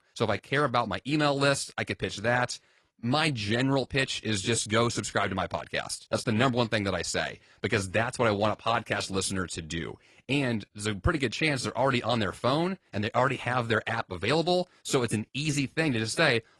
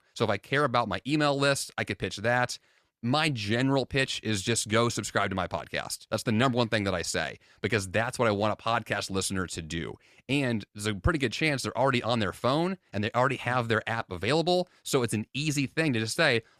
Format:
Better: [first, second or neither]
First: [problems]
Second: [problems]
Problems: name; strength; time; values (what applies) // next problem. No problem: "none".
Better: second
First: garbled, watery; slightly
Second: none